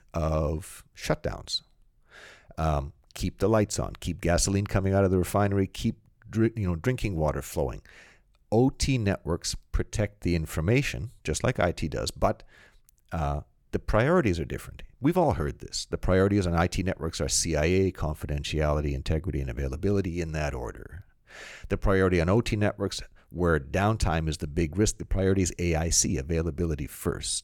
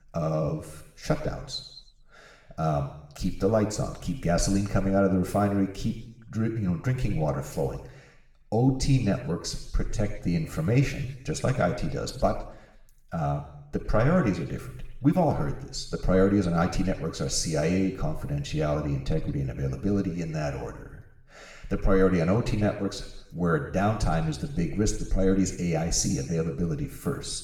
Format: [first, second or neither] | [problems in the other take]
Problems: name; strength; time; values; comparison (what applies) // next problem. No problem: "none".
first | room echo; noticeable; dies away in 0.8 s // off-mic speech; somewhat distant